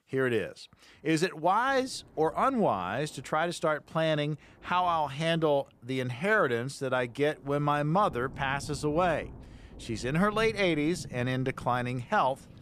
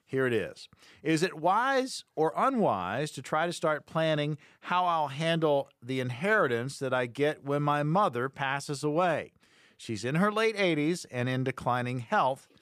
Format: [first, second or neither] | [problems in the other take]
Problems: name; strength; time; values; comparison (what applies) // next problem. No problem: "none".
second | rain or running water; noticeable; throughout; 20 dB below the speech